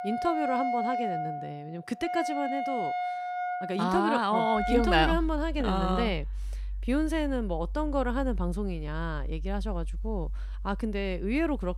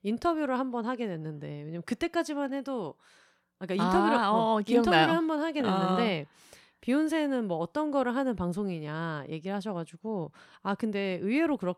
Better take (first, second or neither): second